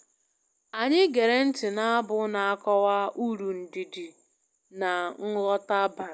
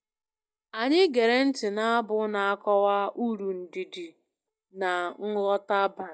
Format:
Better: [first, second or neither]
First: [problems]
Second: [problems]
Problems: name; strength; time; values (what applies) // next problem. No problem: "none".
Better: first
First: none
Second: noise reduction (neural mask model DeepFilterNet 3)